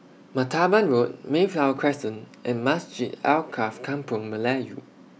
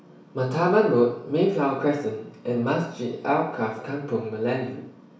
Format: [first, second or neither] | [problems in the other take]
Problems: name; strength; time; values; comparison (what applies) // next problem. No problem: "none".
first | room echo; dies away in 0.6 s